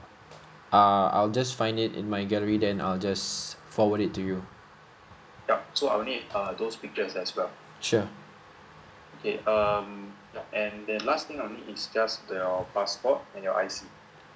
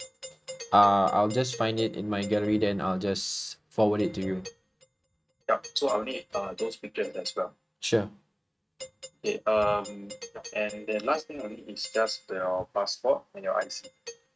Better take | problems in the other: first | noise reduction (neural mask model RNNoise)

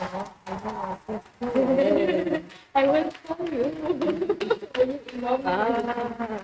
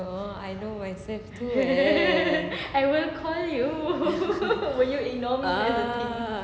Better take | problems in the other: second | noise reduction (neural mask model RNNoise)

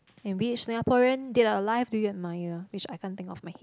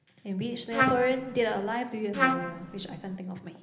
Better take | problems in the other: first | background sound (Trumpet); 1 dB above the speech // room echo; dies away in 0.8 s

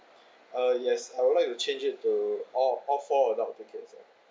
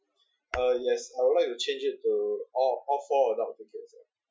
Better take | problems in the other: first | noise reduction (classical method Wiener filter)

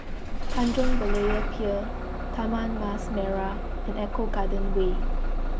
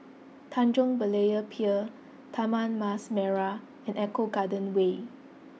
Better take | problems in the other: second | background sound (Engine starting / Bus); 4 dB above the speech

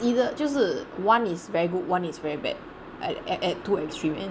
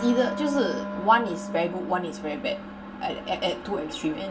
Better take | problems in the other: first | background sound (Wind instrument, woodwind instrument); 10 dB below the speech // room echo; dies away in 0.2 s

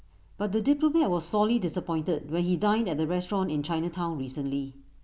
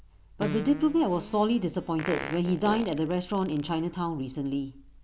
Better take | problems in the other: first | background sound (Fart); 12 dB below the speech

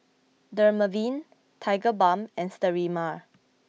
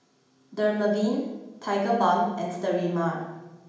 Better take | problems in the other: first | room echo; dies away in 1 s

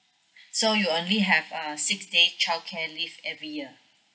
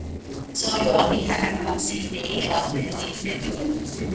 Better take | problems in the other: first | noise reduction (neural separator model SepFormer DNS4)

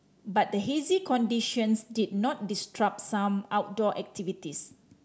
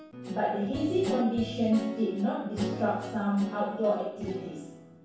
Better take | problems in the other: first | background sound (Guitar); 8 dB below the speech // room echo; dies away in 0.7 s

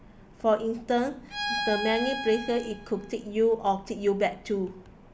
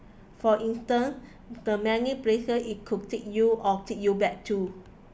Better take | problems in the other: second | background sound (Bowed string instrument); 7 dB below the speech

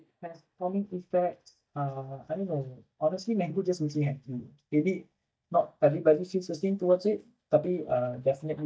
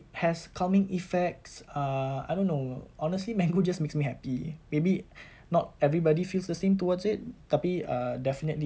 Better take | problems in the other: second | noise reduction (neural mask model DeepFilterNet 3)

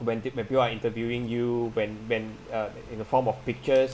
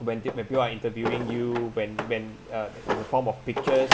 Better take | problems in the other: first | background sound (Drawer open or close); 4 dB below the speech

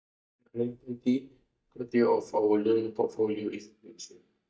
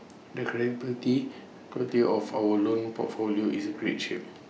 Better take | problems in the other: second | noise reduction (neural mask model DeepFilterNet 3)

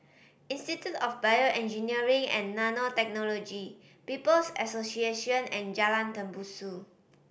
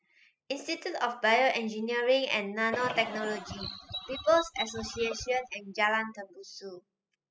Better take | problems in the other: first | noise reduction (classical method spectral subtraction)

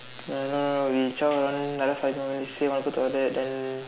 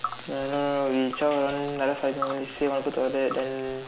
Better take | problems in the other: first | background sound (Tick); 13 dB below the speech

